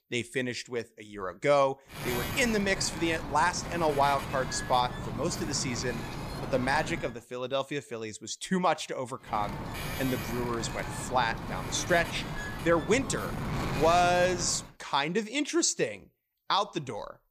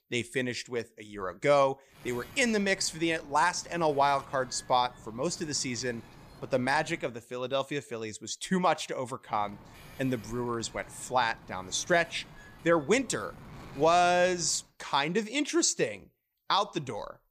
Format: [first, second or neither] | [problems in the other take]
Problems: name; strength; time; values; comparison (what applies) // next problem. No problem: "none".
second | wind noise on the microphone; heavy; from 2 to 7 s and from 9.5 to 15 s; 9 dB below the speech; occasional gusts in the second